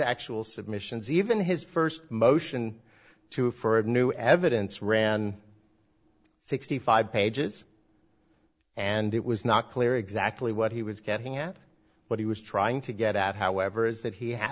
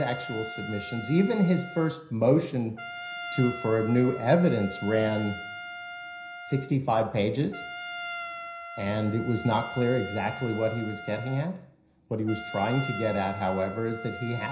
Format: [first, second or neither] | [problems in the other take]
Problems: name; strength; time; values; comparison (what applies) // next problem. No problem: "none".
first | background sound (Trumpet); 12 dB below the speech // room echo; dies away in 0.5 s